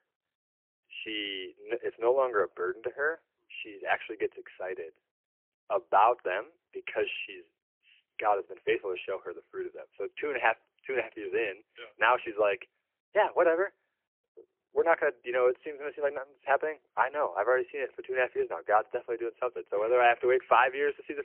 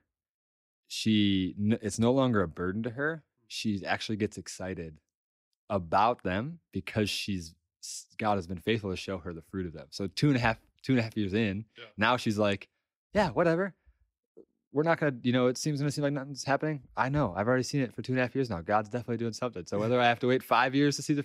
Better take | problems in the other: second | phone-call audio; poor line; nothing above 3 kHz

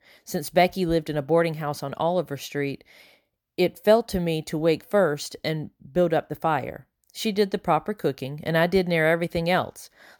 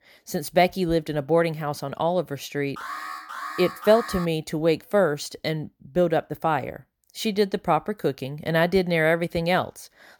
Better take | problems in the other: first | alarm; noticeable; from 3 to 4.5 s; peak 9 dB below the speech

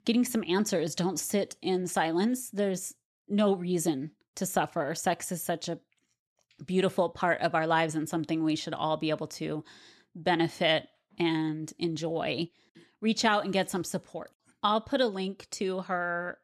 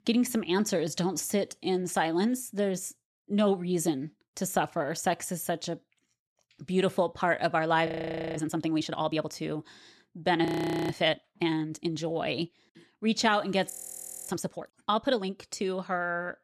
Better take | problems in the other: first | audio freezing; at 8 s, at 10 s and at 14 s for 0.5 s

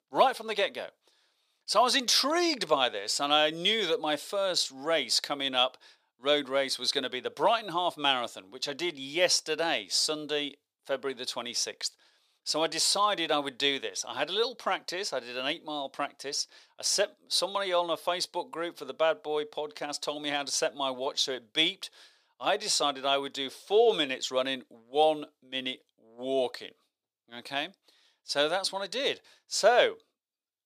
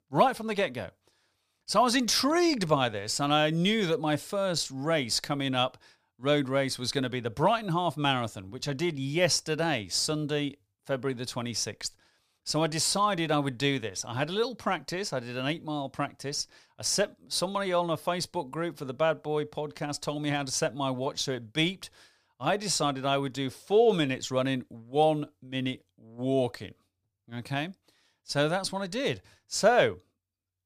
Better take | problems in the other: second | thin; somewhat; fading below 450 Hz

